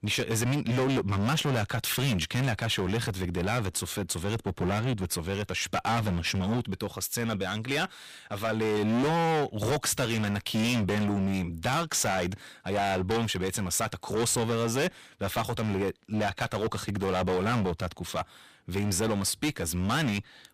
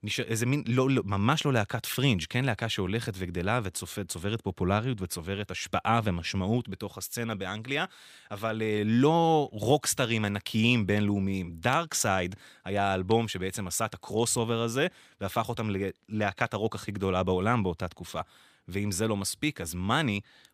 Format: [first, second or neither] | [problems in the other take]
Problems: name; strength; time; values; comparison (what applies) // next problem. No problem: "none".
second | distortion; heavy; 19% of the sound clipped